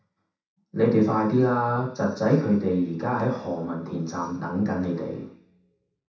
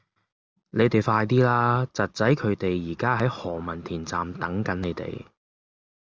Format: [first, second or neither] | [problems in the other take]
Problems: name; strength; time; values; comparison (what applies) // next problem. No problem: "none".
second | room echo; dies away in 0.7 s